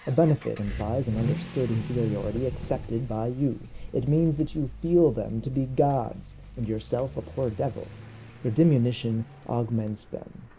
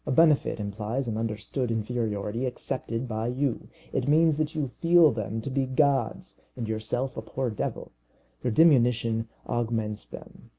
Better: second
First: background sound (Accelerating, revving, vroom / Vehicle); 11 dB below the speech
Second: none

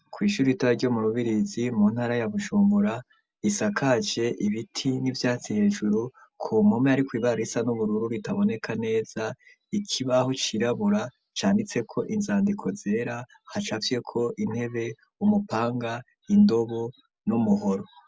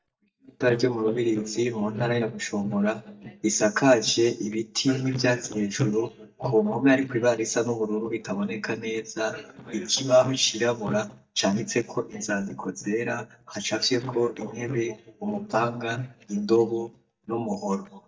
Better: first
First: none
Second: noise reduction (neural mask model DeepFilterNet 3)

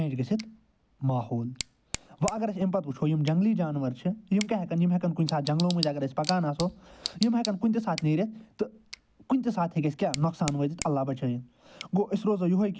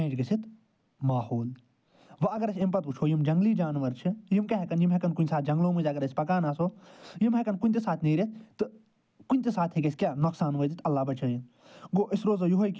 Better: second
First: background sound (Tick / Bicycle); 15 dB below the speech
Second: none

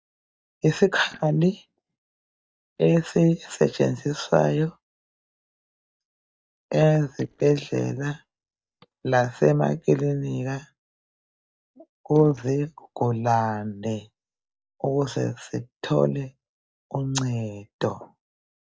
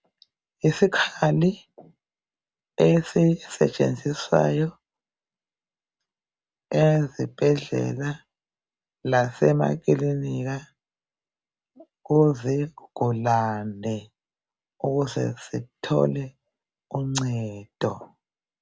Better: second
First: noise reduction (neural mask model DeepFilterNet 3)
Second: none

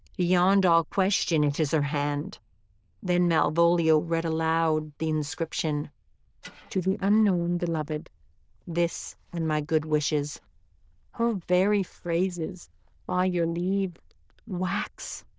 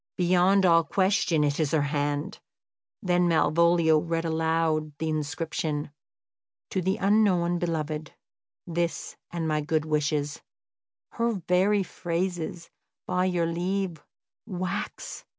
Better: second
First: noise reduction (neural diffusion model UNIVERSE++)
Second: none

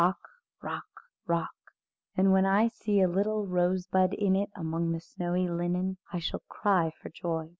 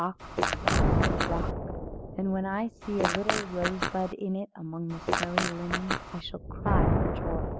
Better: first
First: none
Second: background sound (Fart + Thunder); 4 dB above the speech

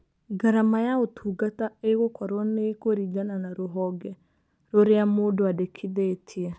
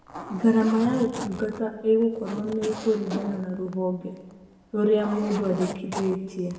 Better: first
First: none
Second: background sound (Zipper (clothing)); 13 dB below the speech // room echo; dies away in 1.1 s

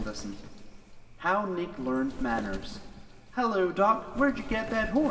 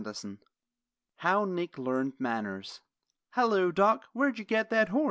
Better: second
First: background sound (Wind); 12 dB below the speech // room echo; dies away in 2.2 s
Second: none

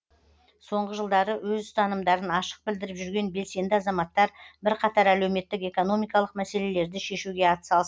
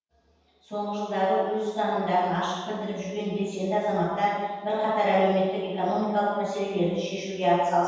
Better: first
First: none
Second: room echo; dies away in 1.2 s

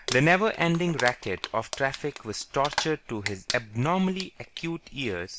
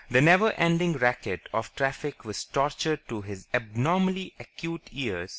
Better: second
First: background sound (Crumpling, crinkling); 11 dB below the speech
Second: none

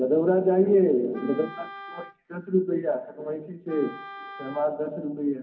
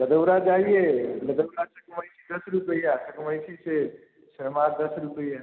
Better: second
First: background sound (Wind instrument, woodwind instrument); 18 dB below the speech // room echo; dies away in 0.4 s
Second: none

